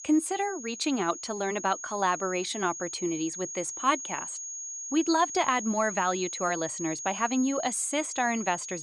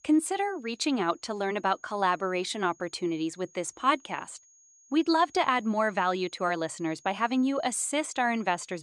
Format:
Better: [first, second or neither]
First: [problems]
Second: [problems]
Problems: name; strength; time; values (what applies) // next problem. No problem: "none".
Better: second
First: high-pitched whine; loud; throughout; 6.5 kHz, 7 dB below the speech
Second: high-pitched whine; faint; throughout; 6.5 kHz, 30 dB below the speech